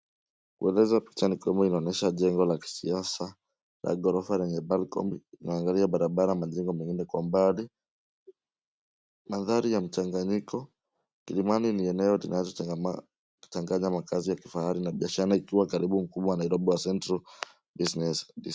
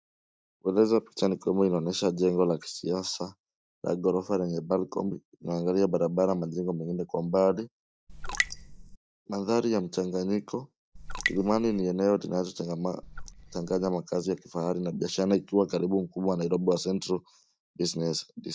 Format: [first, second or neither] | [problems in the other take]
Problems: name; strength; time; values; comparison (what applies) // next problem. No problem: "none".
first | noise reduction (neural mask model DeepFilterNet 3)